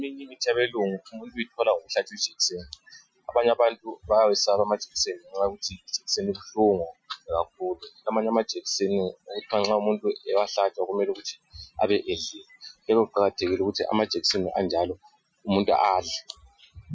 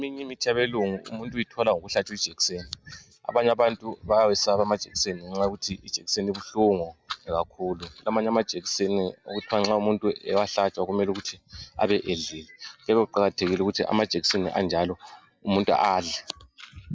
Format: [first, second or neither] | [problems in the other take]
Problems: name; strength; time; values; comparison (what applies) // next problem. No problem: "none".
second | noise reduction (classical method Wiener filter)